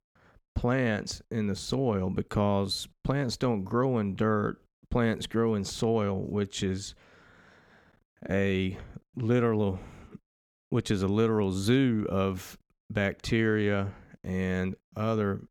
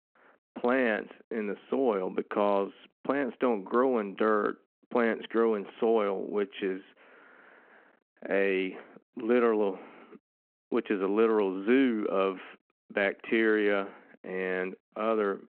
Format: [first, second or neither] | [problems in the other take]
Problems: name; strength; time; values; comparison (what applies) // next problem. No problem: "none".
first | phone-call audio